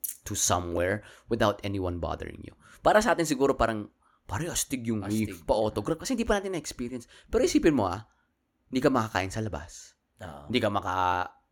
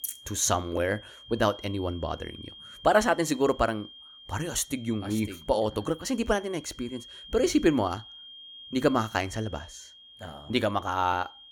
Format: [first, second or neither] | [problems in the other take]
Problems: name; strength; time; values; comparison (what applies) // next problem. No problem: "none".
first | high-pitched whine; noticeable; throughout; 3 kHz, 20 dB below the speech